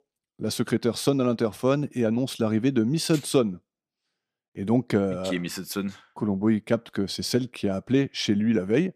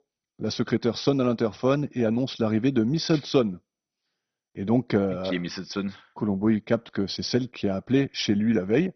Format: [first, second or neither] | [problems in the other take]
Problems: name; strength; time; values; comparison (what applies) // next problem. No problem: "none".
first | garbled, watery; badly; nothing above 6 kHz